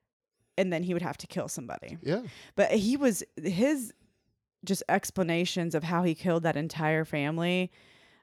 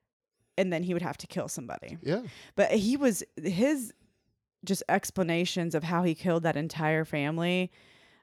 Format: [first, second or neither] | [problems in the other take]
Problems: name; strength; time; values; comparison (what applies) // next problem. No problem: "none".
neither | none